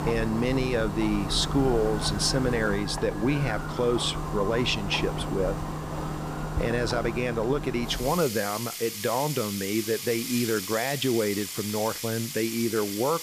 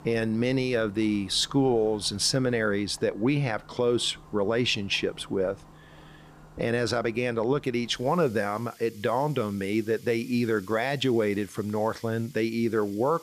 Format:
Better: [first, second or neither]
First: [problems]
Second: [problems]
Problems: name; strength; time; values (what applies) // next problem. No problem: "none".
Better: second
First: household noises; loud; throughout; 5 dB below the speech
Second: household noises; faint; throughout; 25 dB below the speech